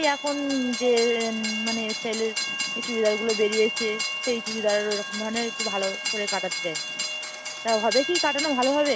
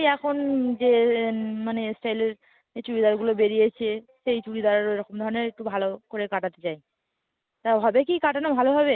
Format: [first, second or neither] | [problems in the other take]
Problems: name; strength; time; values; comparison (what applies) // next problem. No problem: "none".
second | background sound (Train); 4 dB below the speech